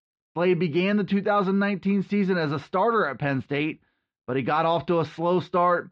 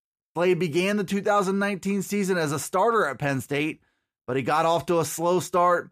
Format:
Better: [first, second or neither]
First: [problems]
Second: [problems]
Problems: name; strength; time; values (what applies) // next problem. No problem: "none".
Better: second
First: muffled; slightly; fading above 4 kHz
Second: none